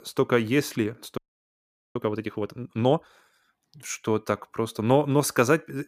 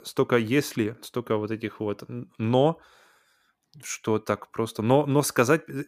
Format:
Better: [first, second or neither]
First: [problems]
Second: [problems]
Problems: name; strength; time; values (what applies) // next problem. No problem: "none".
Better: second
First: audio freezing; at 1 s for 1 s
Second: none